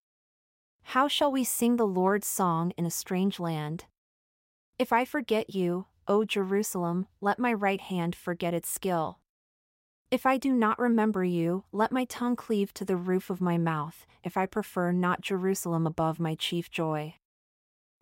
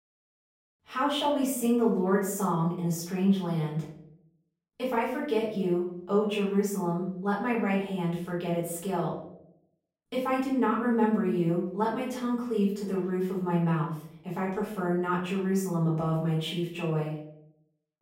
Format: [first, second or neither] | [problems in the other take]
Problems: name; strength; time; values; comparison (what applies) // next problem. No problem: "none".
first | off-mic speech; far // room echo; noticeable; dies away in 0.6 s